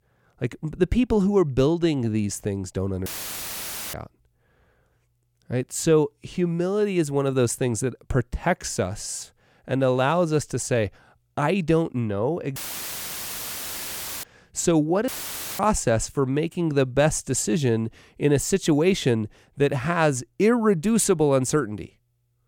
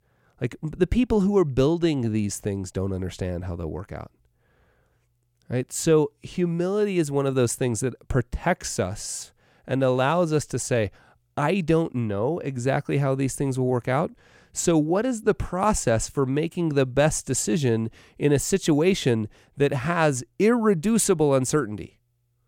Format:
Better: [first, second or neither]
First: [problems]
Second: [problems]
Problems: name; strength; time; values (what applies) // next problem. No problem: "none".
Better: second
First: audio cutting out; filled with static; at 3 s for 1 s, at 13 s for 1.5 s and at 15 s for 0.5 s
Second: none